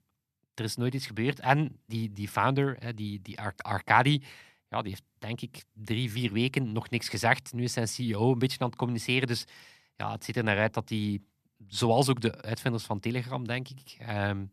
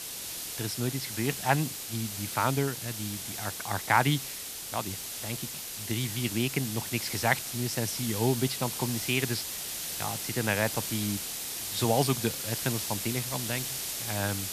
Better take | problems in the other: first | hiss; loud; throughout; 3 dB below the speech

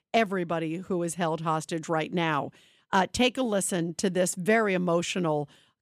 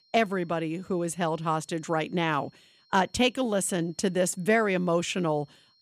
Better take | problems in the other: first | high-pitched whine; faint; throughout; 4 kHz, 35 dB below the speech

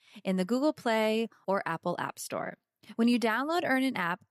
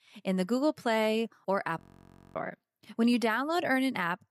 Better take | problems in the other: first | audio freezing; at 2 s for 0.5 s

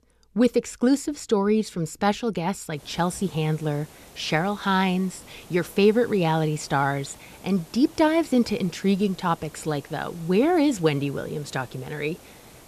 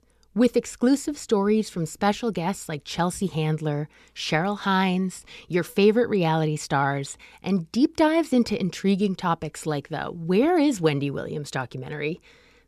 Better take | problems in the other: second | hiss; faint; from 3 s on; 25 dB below the speech

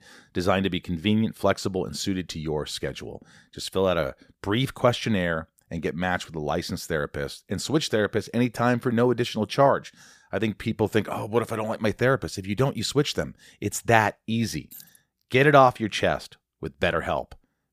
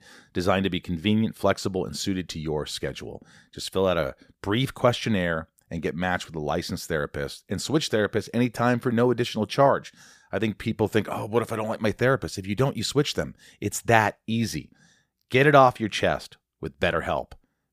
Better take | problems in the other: second | jangling keys; faint; at 15 s; peak 20 dB below the speech

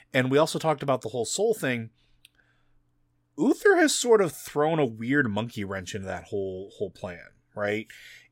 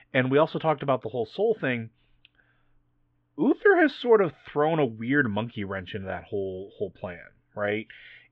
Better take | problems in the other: first | muffled; very; fading above 3 kHz

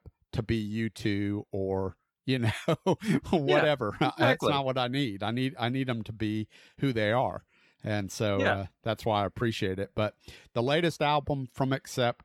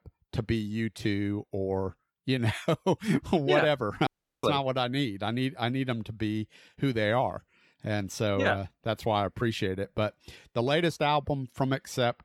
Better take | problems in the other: first | audio cutting out; at 4 s

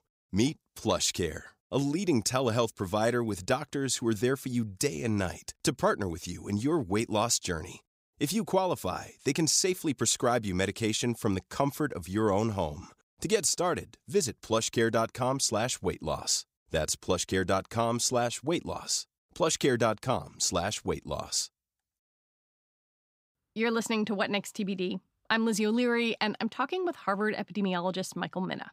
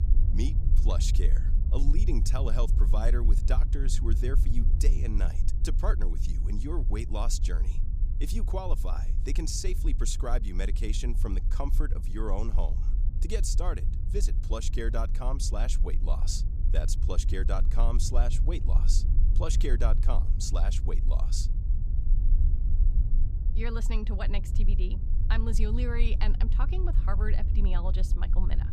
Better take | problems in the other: first | low rumble; noticeable; throughout; 10 dB below the speech

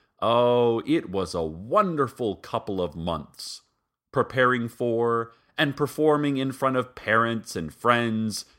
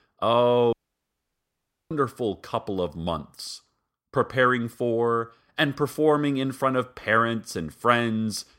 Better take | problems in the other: first | audio cutting out; at 0.5 s for 1 s

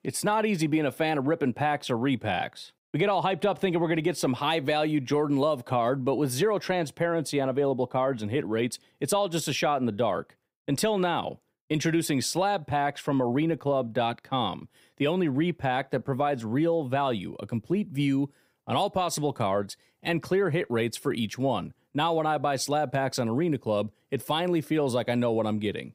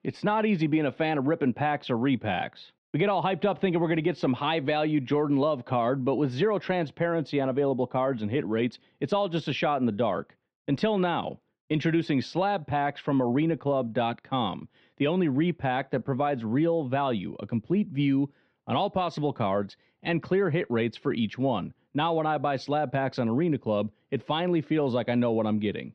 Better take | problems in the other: first | muffled; slightly; fading above 4 kHz

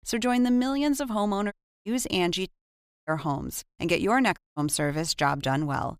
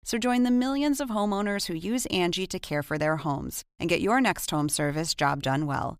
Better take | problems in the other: second | audio cutting out; at 1.5 s, at 2.5 s for 0.5 s and at 4.5 s

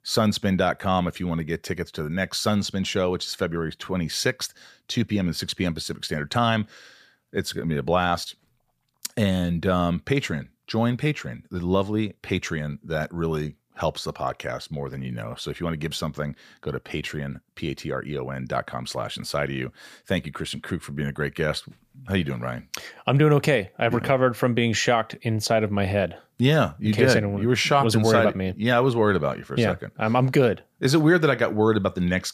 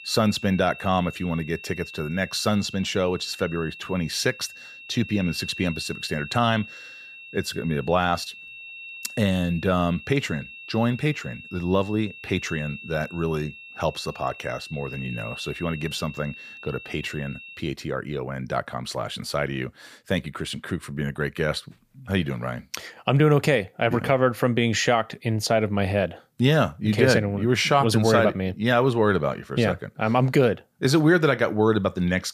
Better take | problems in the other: first | high-pitched whine; noticeable; until 18 s; 2.5 kHz, 15 dB below the speech

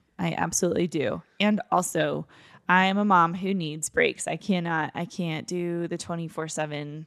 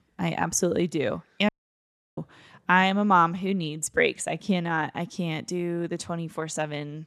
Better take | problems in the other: first | audio cutting out; at 1.5 s for 0.5 s

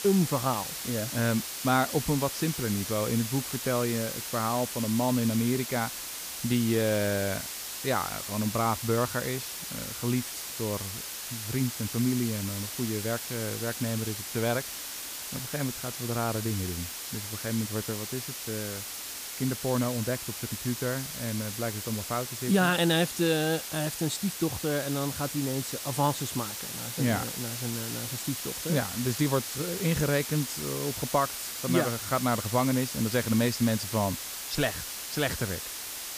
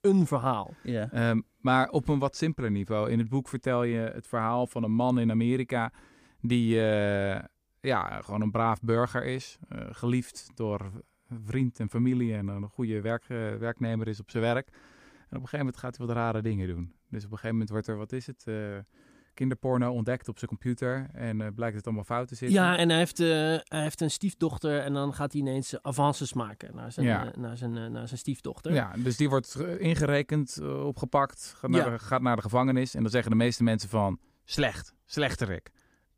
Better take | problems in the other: second | hiss; loud; throughout; 4 dB below the speech

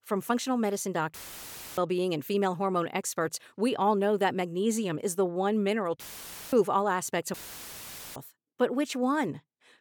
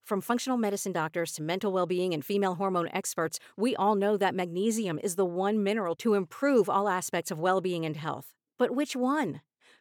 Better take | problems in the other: second | audio cutting out; filled with static; at 1 s for 0.5 s, at 6 s for 0.5 s and at 7.5 s for 1 s

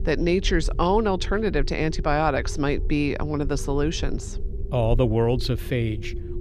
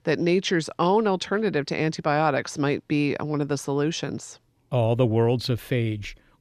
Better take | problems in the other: second | low rumble; noticeable; throughout; 20 dB below the speech

